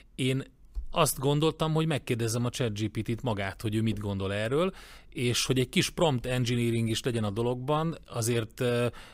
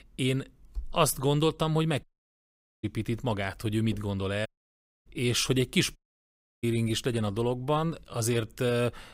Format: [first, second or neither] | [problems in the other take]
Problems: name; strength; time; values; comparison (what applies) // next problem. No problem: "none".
first | audio cutting out; at 2 s for 1 s, at 4.5 s for 0.5 s and at 6 s for 0.5 s